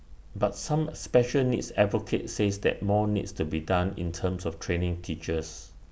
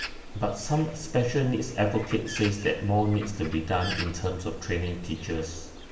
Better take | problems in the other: first | background sound (Bird); 14 dB below the speech // room echo; dies away in 0.8 s

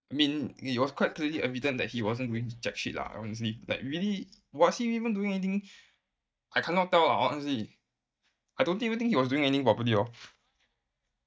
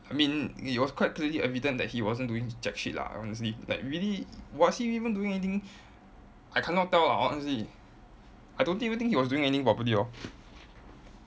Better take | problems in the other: second | noise reduction (neural mask model DeepFilterNet 3)

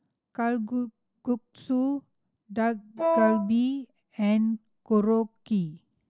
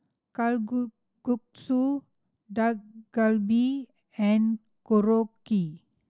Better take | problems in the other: second | background sound (Wind instrument, woodwind instrument); 2 dB above the speech

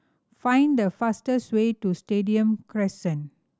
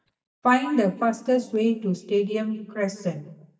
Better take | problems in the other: first | noise reduction (neural mask model DeepFilterNet 3)

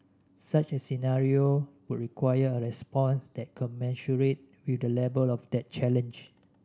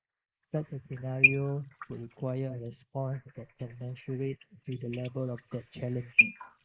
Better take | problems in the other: first | noise reduction (neural mask model Resemble Enhance denoiser)

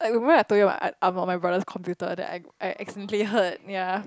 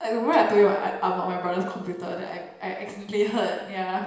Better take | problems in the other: first | noise reduction (neural separator model SepFormer DNS4)

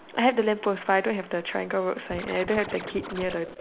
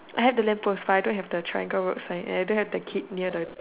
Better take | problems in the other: second | background sound (Scratching (performance technique)); 11 dB below the speech

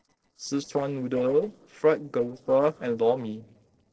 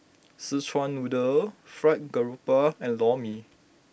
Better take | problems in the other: second | noise reduction (neural separator model SepFormer DNS4)

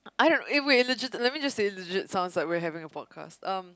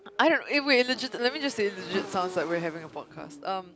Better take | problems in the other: first | background sound (Motorcycle / Engine); 15 dB below the speech

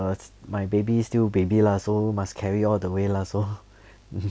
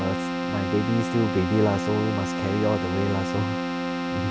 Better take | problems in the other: first | background sound (Keyboard (musical)); 2 dB below the speech

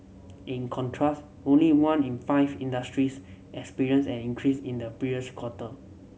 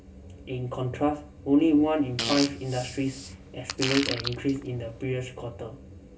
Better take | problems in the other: first | background sound (Fart); 7 dB below the speech // room echo; dies away in 0.2 s

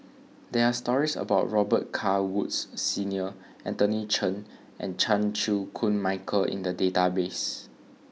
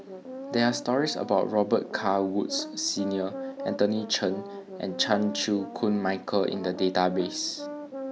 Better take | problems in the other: first | background sound (Brass instrument); 11 dB below the speech

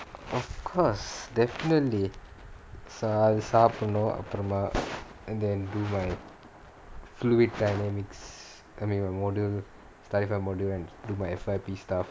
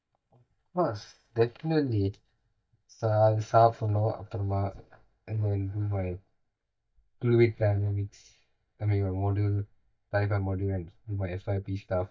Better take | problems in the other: first | noise reduction (neural mask model DeepFilterNet 3)

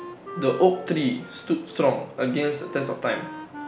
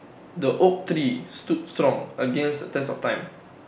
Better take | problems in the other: second | background sound (Wind instrument, woodwind instrument); 14 dB below the speech

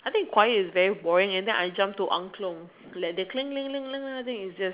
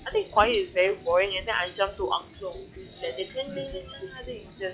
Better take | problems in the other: first | noise reduction (classical method log-MMSE)

